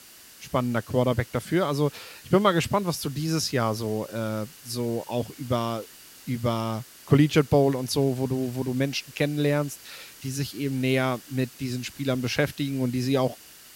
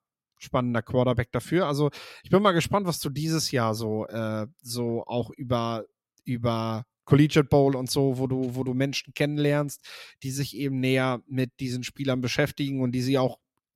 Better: second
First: hiss; noticeable; throughout; 20 dB below the speech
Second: none

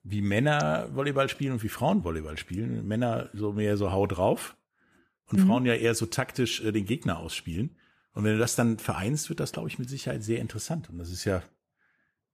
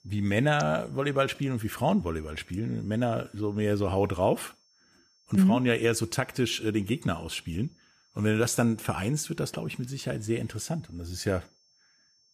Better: first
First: none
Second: high-pitched whine; faint; throughout; 5.5 kHz, 35 dB below the speech

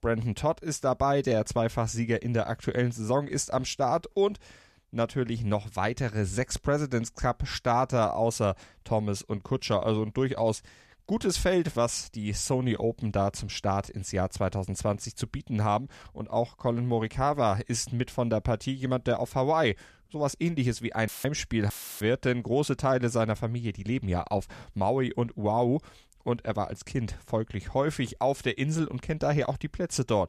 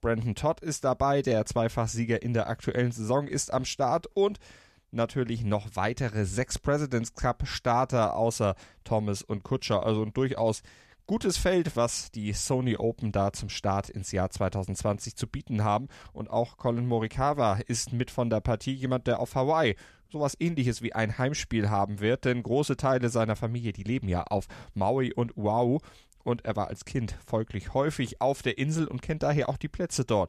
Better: second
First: audio cutting out; filled with static; at 21 s and at 22 s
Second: none

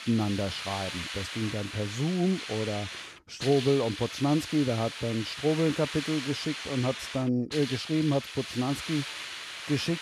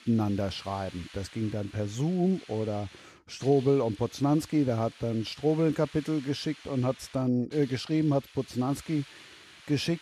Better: second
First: hiss; loud; throughout; 7 dB below the speech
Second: hiss; faint; throughout; 20 dB below the speech

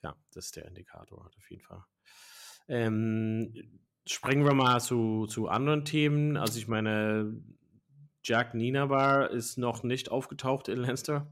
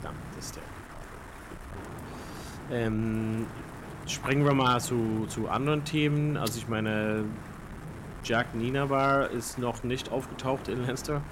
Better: first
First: none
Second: wind noise on the microphone; occasional gusts; 15 dB below the speech

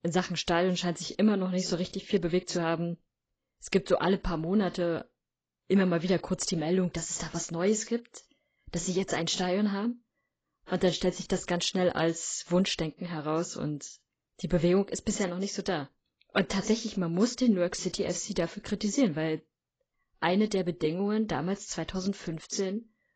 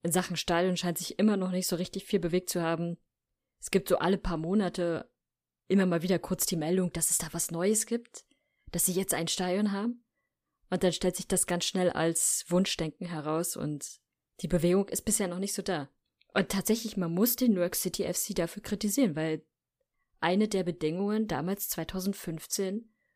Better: second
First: garbled, watery; badly; nothing above 7.5 kHz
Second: none

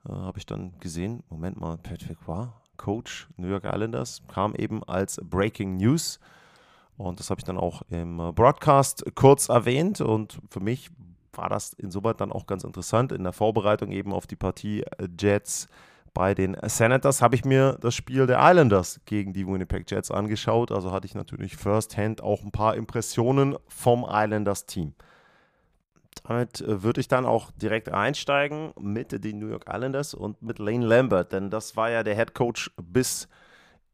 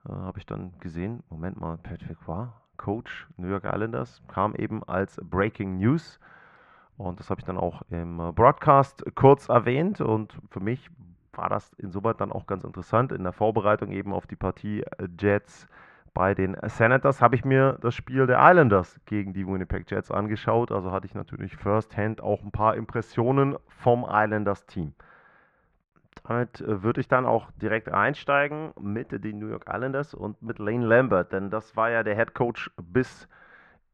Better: first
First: none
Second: muffled; very; fading above 2 kHz

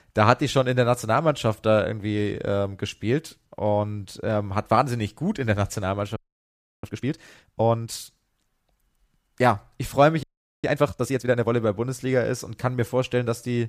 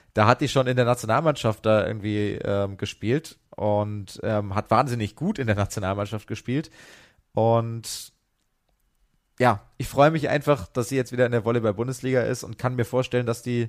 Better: second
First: audio freezing; at 6 s for 0.5 s and at 10 s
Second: none

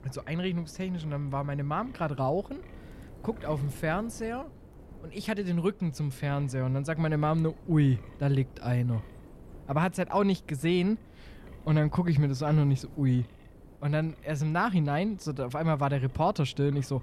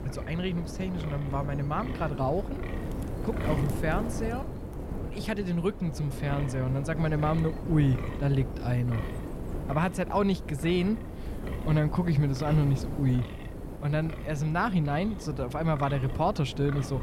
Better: first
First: wind noise on the microphone; occasional gusts; 20 dB below the speech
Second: wind noise on the microphone; heavy; 9 dB below the speech

